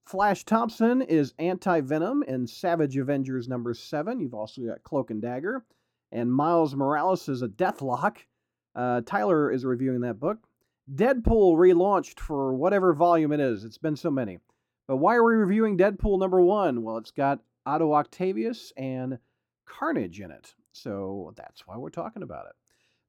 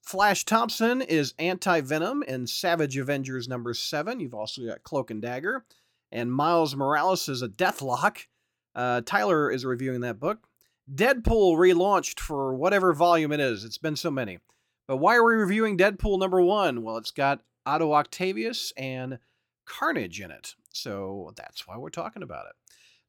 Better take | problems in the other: second | muffled; slightly; fading above 1.5 kHz

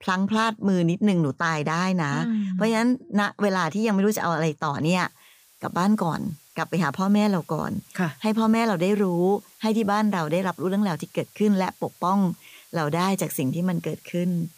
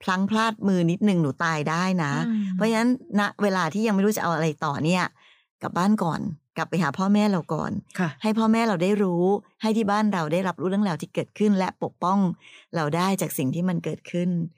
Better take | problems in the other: second | hiss; faint; from 5 s on; 25 dB below the speech

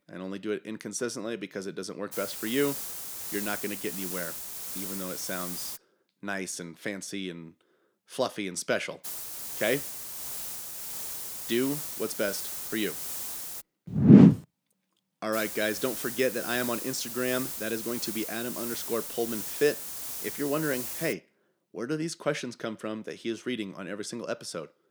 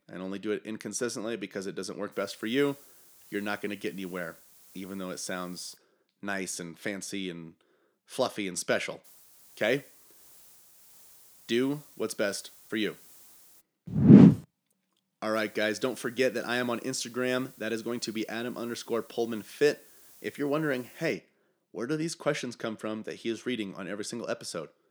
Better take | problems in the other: second | hiss; loud; from 2 to 6 s, from 9 to 14 s and from 15 to 21 s; 5 dB below the speech; faint in the second

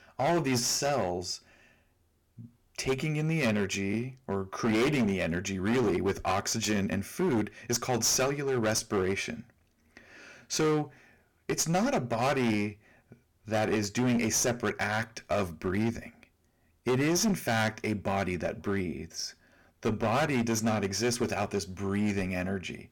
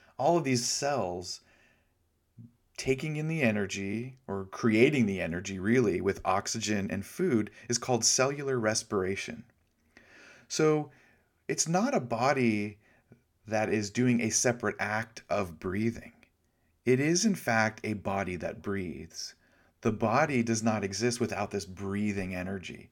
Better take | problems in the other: second | distortion; heavy; 13% of the sound clipped

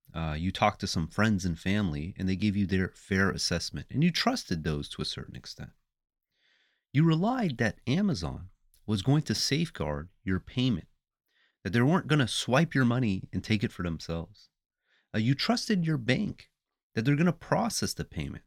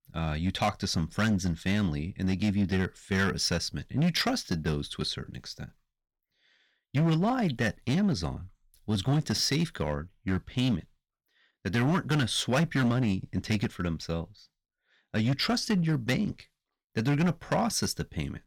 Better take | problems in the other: first | distortion; slight; 7% of the sound clipped

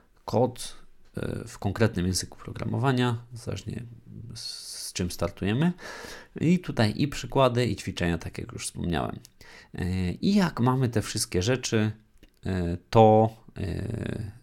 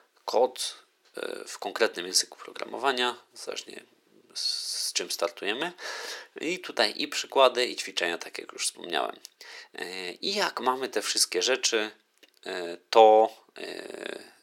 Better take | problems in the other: first | thin; very; fading below 400 Hz

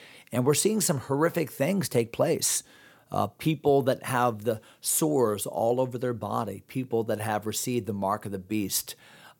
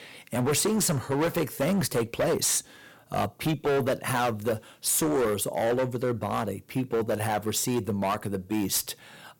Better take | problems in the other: first | distortion; heavy; 14% of the sound clipped

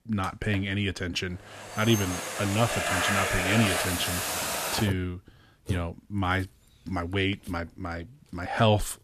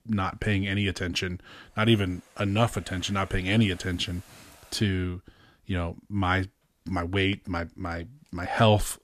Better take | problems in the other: second | household noises; loud; throughout; as loud as the speech; faint in the second

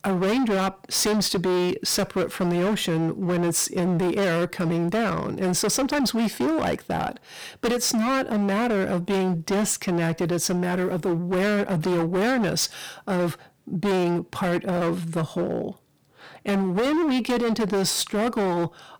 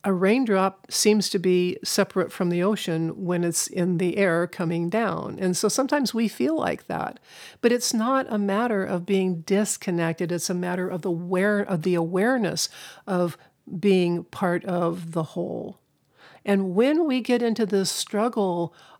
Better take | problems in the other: second | distortion; heavy; 26% of the sound clipped

